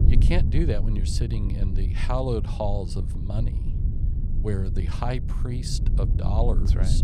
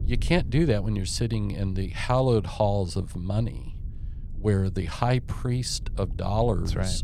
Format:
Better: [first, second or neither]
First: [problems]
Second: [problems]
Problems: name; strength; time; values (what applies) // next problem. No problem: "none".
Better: second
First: low rumble; loud; throughout; 8 dB below the speech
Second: low rumble; faint; throughout; 25 dB below the speech